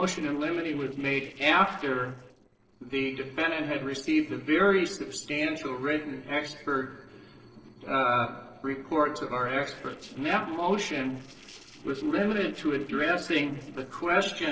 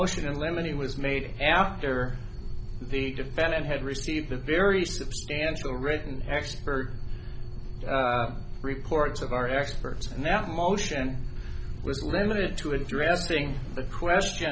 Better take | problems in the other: second | noise reduction (neural separator model SepFormer DNS4)

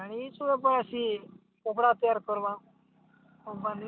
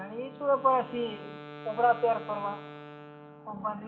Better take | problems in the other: first | background sound (Wind instrument, woodwind instrument); 15 dB below the speech // room echo; dies away in 1.6 s

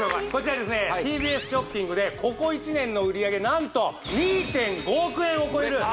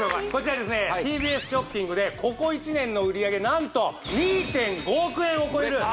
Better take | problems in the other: second | background sound (Wind instrument, woodwind instrument); 18 dB below the speech

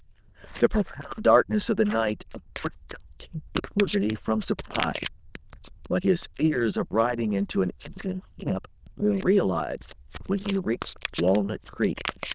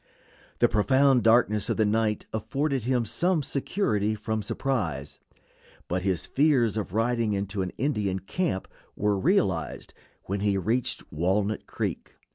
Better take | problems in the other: second | noise reduction (neural diffusion model UNIVERSE++)

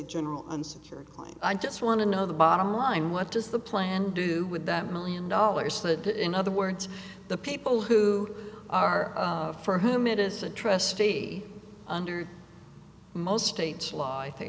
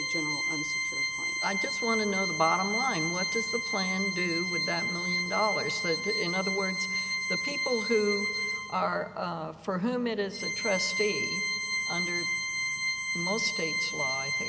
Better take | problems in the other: first | background sound (Organ); 1 dB above the speech

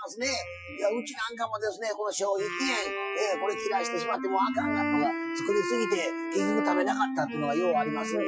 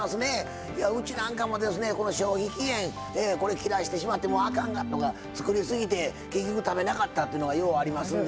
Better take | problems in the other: second | noise reduction (classical method Wiener filter)

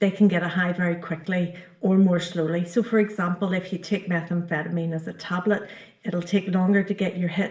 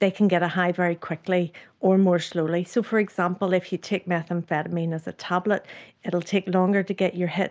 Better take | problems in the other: second | room echo; dies away in 0.5 s

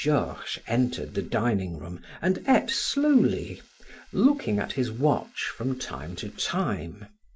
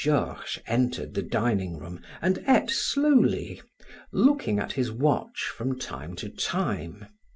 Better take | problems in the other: second | noise reduction (neural mask model Resemble Enhance denoiser)

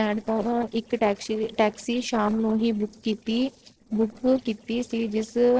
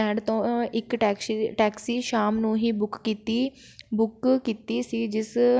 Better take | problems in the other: second | noise reduction (neural separator model SepFormer DNS4)

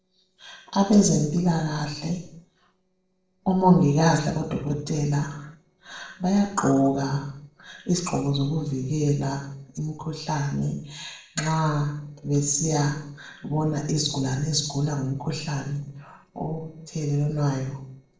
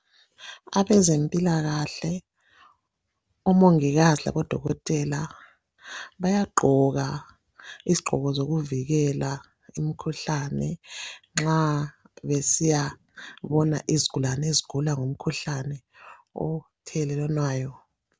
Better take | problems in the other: second | noise reduction (neural separator model SepFormer DNS4)

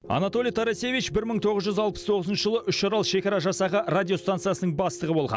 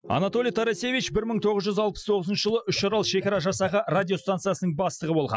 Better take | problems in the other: first | noise reduction (classical method Wiener filter)

